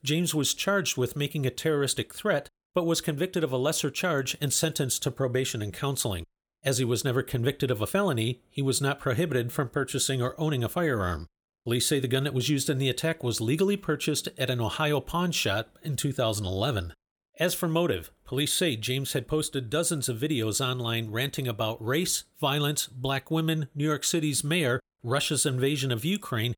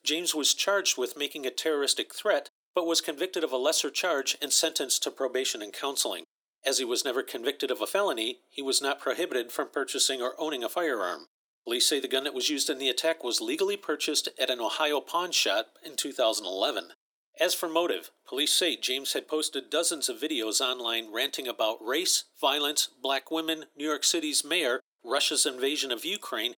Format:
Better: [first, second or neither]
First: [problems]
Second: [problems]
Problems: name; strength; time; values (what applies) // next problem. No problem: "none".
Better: first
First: none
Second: thin; somewhat; fading below 300 Hz